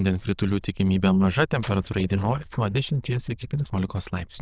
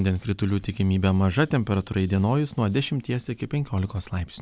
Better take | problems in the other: second | noise reduction (neural diffusion model UNIVERSE++)

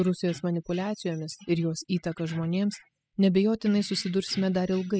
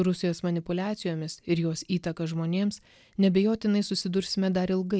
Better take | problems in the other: second | noise reduction (classical method spectral subtraction)

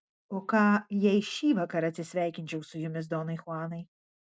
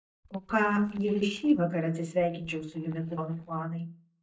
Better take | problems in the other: first | noise reduction (neural mask model DeepFilterNet 3)

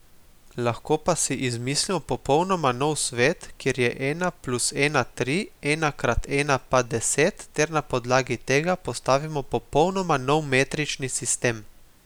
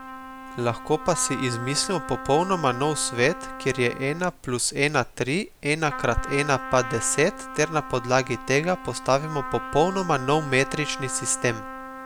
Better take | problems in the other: first | background sound (Trumpet); 12 dB below the speech

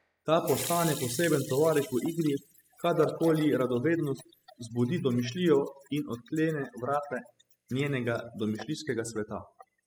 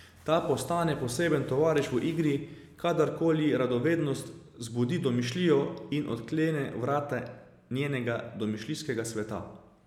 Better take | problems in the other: second | noise reduction (classical method spectral subtraction)

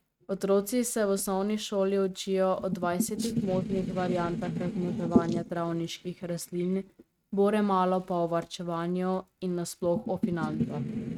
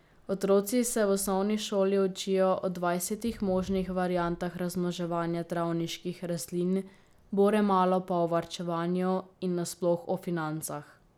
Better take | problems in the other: second | noise reduction (neural mask model RNNoise)

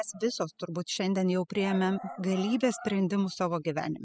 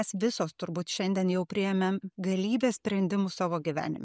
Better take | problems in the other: second | noise reduction (classical method spectral subtraction)

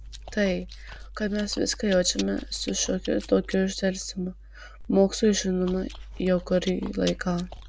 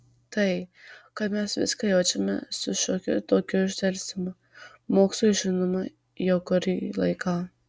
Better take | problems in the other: second | background sound (Chewing, mastication); 14 dB below the speech

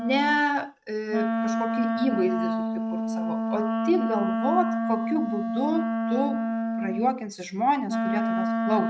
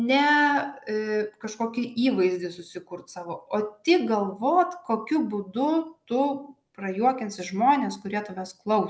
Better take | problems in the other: second | noise reduction (neural mask model RNNoise)

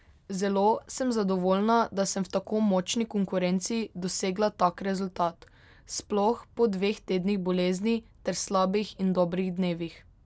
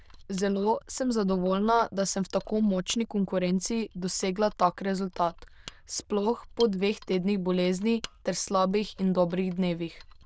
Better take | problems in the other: first | noise reduction (neural diffusion model UNIVERSE++)

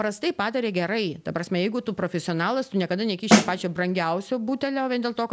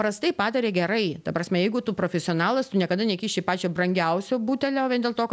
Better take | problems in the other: second | background sound (Snare drum); 2 dB above the speech

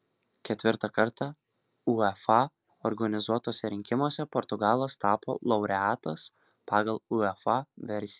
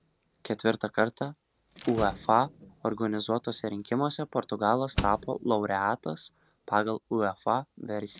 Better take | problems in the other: first | background sound (Slam); 15 dB below the speech

